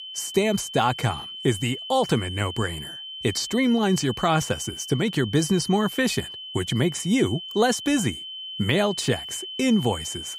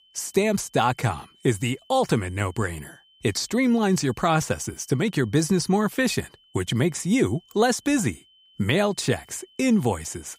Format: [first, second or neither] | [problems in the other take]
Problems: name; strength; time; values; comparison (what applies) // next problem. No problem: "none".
second | high-pitched whine; loud; throughout; 3 kHz, 10 dB below the speech; faint in the second